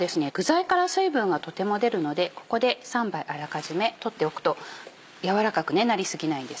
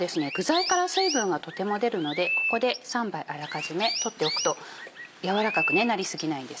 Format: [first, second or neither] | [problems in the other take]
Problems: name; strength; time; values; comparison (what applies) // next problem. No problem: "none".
first | background sound (Chirp, tweet); 5 dB below the speech